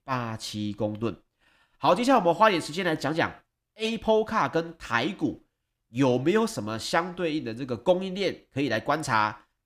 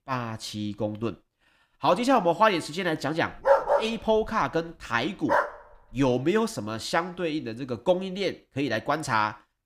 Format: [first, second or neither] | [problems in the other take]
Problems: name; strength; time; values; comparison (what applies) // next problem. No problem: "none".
first | dog barking; loud; from 3.5 to 5.5 s; peak 5 dB above the speech